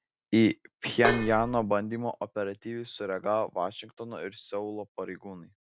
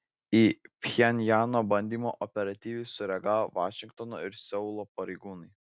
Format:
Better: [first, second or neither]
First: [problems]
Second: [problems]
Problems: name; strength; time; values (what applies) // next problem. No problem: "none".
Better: second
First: background sound (Dishes, pots, and pans); 1 dB below the speech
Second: none